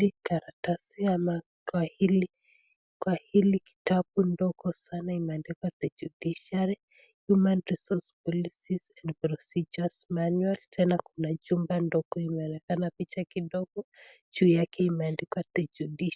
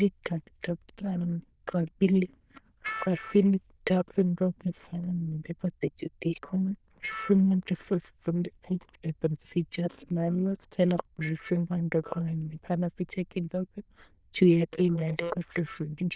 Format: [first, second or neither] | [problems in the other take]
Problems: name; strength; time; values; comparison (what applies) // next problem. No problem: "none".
first | noise reduction (neural diffusion model UNIVERSE++)